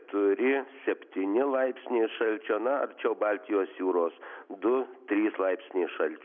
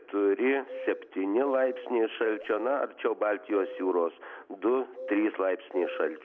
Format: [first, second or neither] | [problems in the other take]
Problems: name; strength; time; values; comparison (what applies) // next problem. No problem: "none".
first | background sound (Bird vocalization, bird call, bird song); 14 dB below the speech